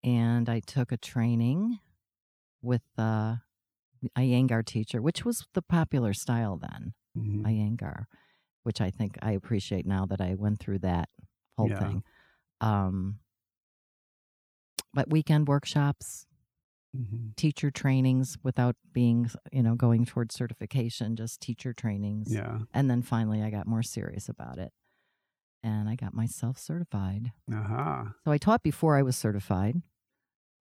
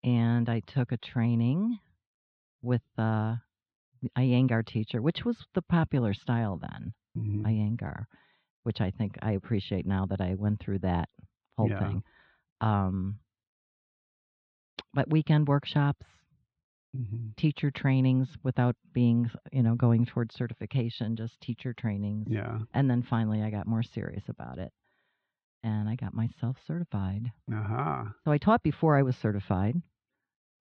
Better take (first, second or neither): first